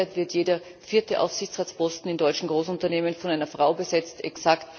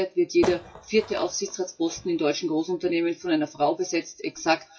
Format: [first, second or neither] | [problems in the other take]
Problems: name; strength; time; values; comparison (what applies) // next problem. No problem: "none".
first | noise reduction (classical method WPE with log-MMSE)